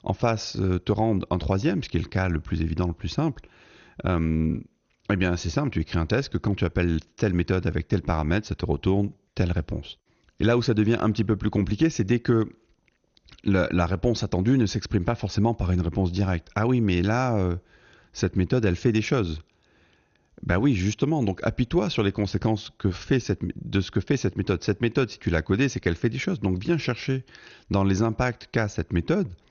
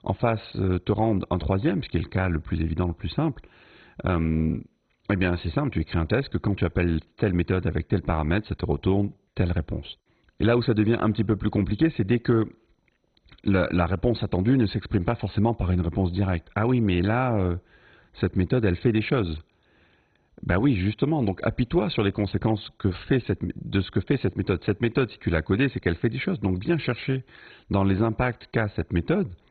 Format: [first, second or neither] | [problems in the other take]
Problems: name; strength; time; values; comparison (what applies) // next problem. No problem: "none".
first | garbled, watery; badly; nothing above 4 kHz; slightly in the first